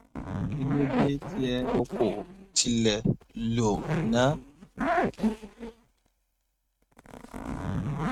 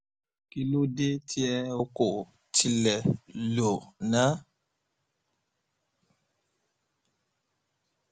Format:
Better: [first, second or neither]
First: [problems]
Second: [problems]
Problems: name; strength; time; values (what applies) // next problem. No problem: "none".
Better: second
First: noise reduction (neural mask model RNNoise)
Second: none